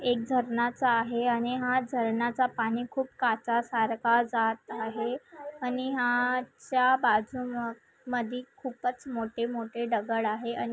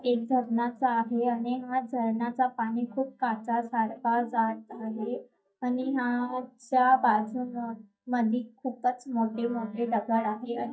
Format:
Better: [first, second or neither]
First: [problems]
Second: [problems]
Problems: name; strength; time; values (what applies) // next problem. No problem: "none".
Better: first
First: none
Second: noise reduction (neural mask model DeepFilterNet 3)